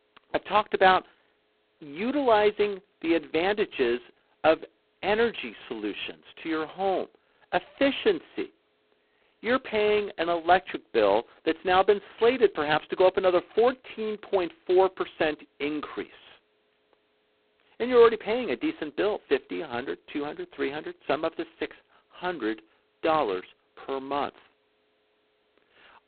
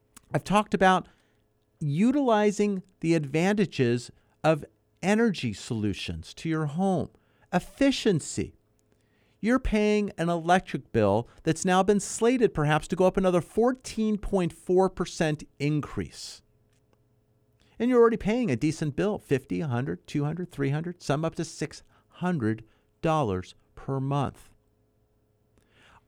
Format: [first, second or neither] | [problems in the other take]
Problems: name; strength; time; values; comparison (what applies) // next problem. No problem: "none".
second | phone-call audio; poor line; nothing above 4 kHz